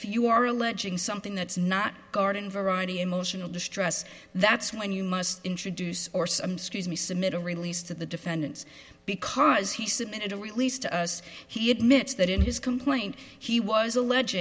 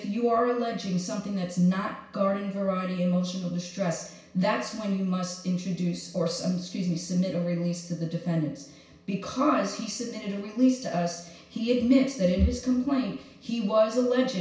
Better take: first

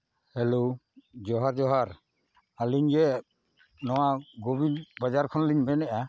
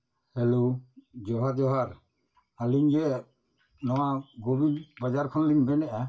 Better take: first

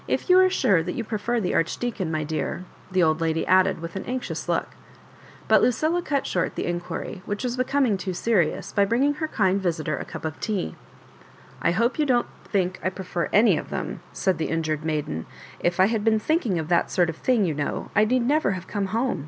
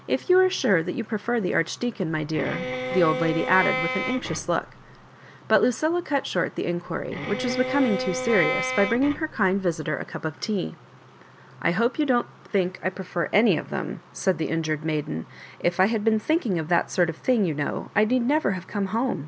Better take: first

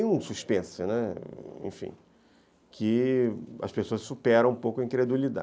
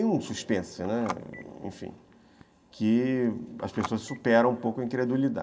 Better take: first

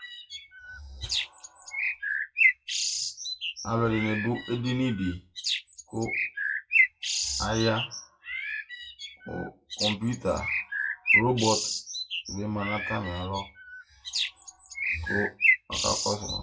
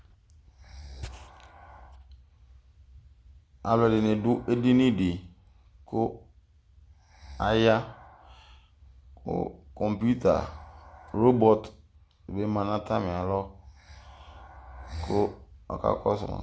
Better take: second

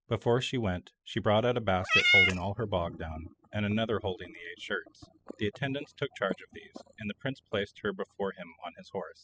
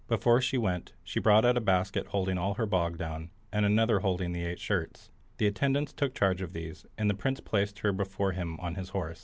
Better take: second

